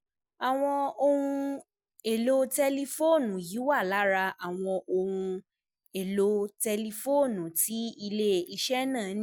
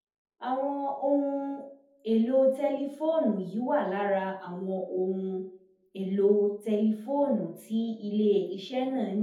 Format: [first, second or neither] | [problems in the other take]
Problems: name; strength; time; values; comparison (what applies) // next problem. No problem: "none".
first | room echo; dies away in 0.6 s